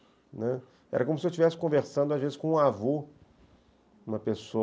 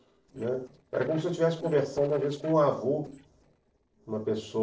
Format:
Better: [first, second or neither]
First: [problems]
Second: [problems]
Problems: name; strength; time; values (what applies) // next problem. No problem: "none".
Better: first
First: none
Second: noise reduction (neural separator model SepFormer DNS4)